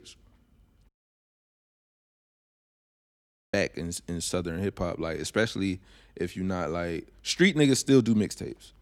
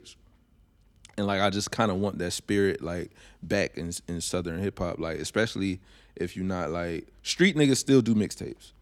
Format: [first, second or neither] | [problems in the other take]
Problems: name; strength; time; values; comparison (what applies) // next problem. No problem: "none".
second | audio cutting out; at 1 s for 2.5 s